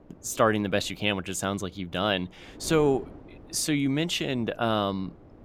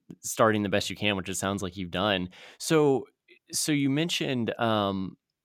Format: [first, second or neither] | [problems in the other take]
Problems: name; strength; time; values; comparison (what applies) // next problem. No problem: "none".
second | wind noise on the microphone; occasional gusts; 25 dB below the speech